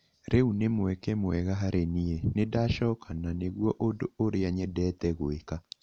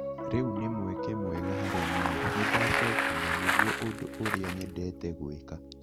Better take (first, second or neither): first